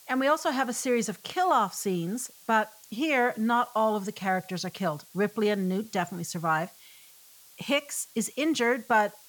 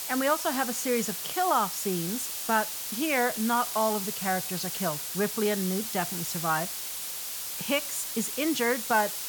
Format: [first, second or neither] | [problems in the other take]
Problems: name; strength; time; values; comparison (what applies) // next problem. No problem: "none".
first | hiss; loud; throughout; 3 dB below the speech; faint in the first